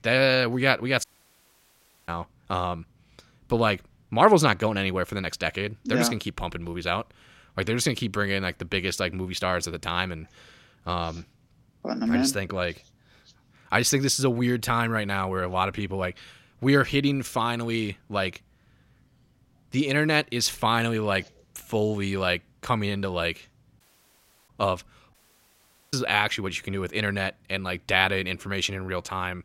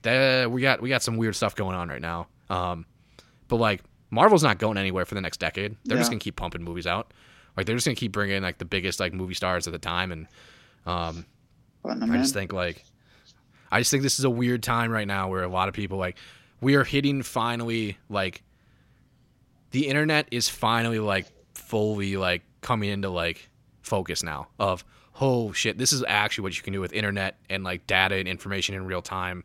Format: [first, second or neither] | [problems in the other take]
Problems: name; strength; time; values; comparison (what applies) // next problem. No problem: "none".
second | audio cutting out; at 1 s for 1 s, at 24 s for 0.5 s and at 25 s for 1 s